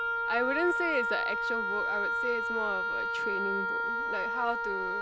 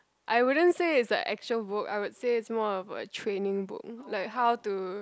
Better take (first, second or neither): second